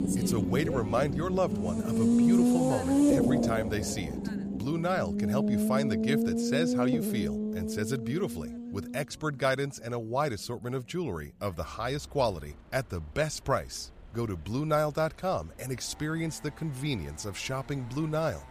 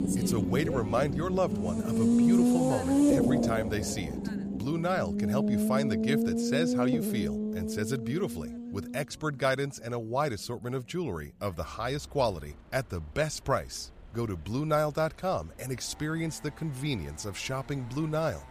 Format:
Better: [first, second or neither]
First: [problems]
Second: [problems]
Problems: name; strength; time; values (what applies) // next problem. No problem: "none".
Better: neither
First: traffic noise; very loud; throughout; 3 dB above the speech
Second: traffic noise; very loud; throughout; 3 dB above the speech